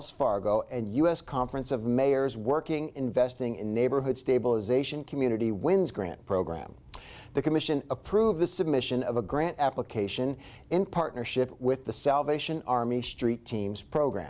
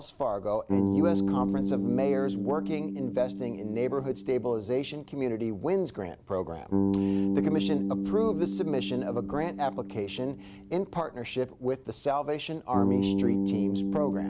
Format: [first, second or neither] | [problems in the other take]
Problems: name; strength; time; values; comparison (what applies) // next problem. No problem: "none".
first | background sound (Bass guitar); as loud as the speech